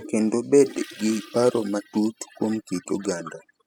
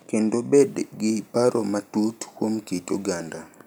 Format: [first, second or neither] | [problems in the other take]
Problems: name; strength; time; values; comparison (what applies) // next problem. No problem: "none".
second | noise reduction (classical method spectral subtraction)